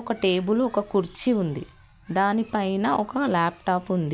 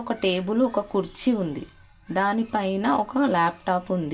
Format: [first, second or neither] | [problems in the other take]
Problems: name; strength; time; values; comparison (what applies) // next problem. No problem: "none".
first | room echo; dies away in 0.1 s